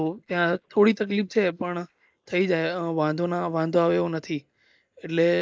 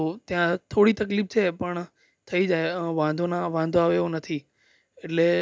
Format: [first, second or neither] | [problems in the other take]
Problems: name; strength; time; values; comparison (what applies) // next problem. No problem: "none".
second | noise reduction (neural mask model Resemble Enhance denoiser)